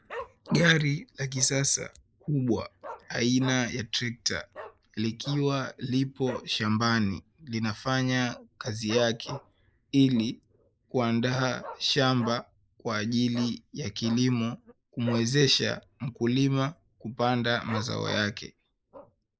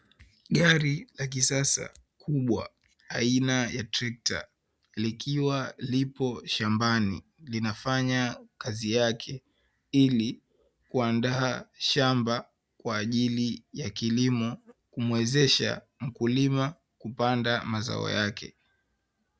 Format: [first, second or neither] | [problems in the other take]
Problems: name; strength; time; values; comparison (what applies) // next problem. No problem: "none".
second | noise reduction (neural mask model Resemble Enhance denoiser)